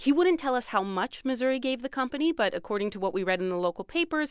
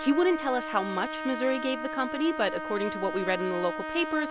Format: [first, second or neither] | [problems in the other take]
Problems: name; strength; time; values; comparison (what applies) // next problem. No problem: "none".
first | background sound (Trumpet); 6 dB below the speech